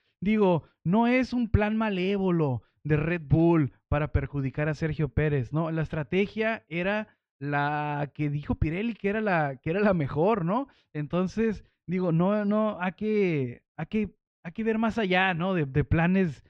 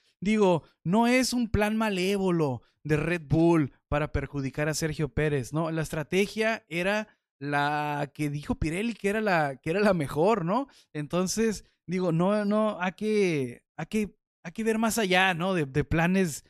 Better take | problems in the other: second | muffled; slightly; fading above 3 kHz

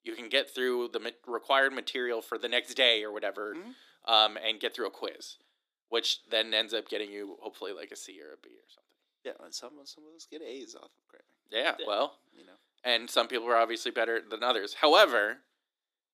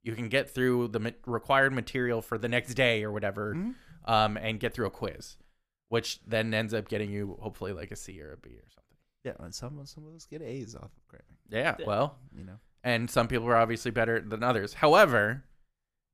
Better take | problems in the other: second | thin; somewhat; fading below 300 Hz

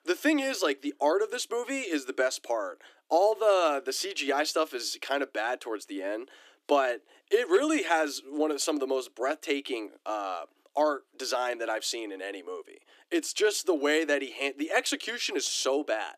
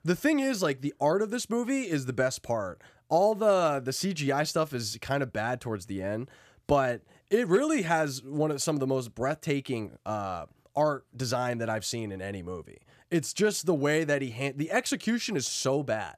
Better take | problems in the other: second | thin; very slightly; fading below 300 Hz

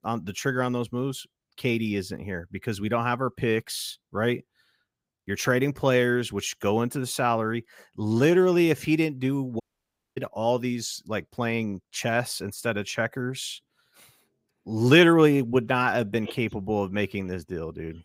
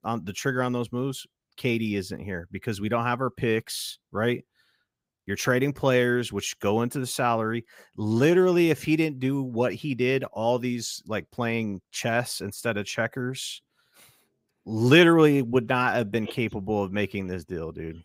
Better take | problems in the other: second | audio cutting out; at 9.5 s for 0.5 s

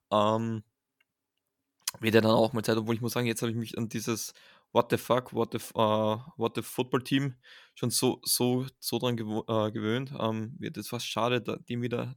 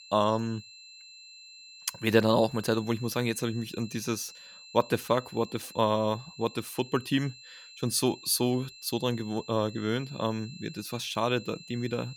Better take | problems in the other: first | high-pitched whine; noticeable; throughout; 4 kHz, 15 dB below the speech

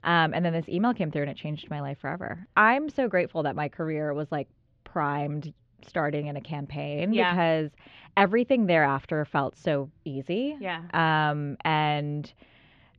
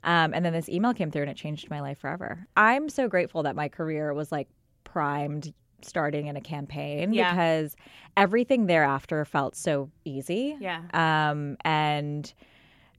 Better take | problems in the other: second | muffled; very slightly; fading above 4 kHz

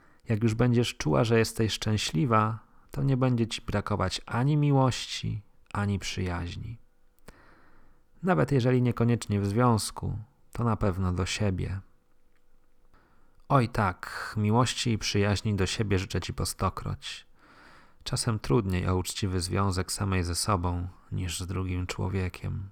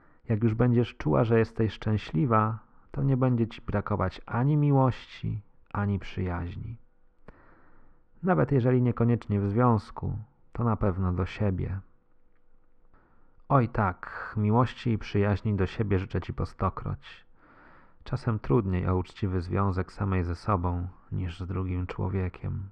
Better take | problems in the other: first | muffled; very; fading above 1.5 kHz

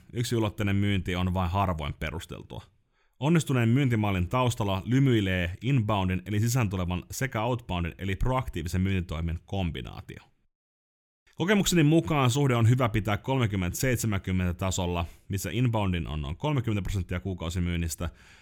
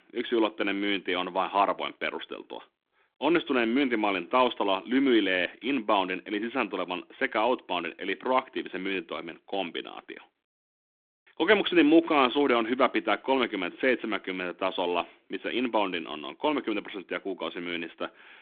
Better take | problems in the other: first | phone-call audio; nothing above 3.5 kHz

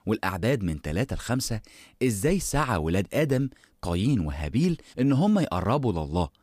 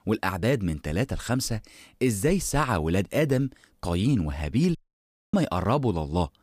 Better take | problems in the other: first | audio cutting out; at 5 s for 0.5 s

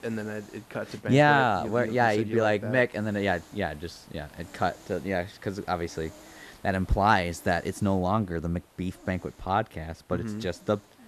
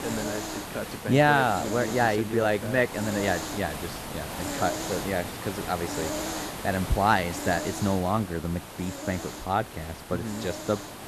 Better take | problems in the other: first | hiss; loud; throughout; 7 dB below the speech; faint in the first

